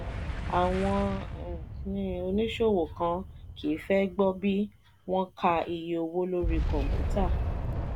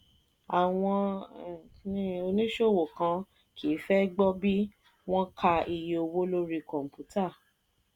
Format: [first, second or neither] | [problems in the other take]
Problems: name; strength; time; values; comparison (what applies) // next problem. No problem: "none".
second | background sound (Boom); 4 dB below the speech